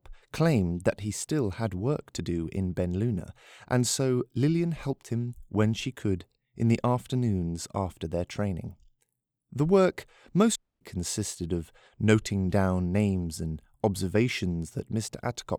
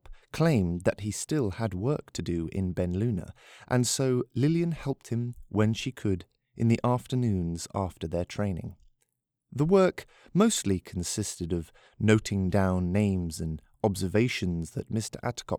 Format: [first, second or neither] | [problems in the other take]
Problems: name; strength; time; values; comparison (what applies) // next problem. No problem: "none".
second | audio cutting out; at 11 s